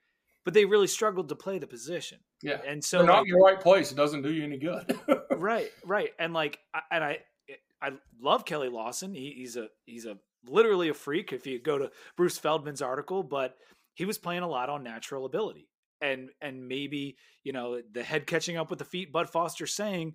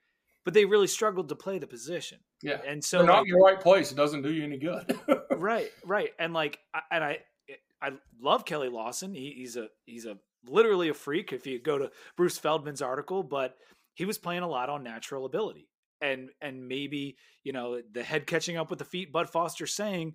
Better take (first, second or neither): neither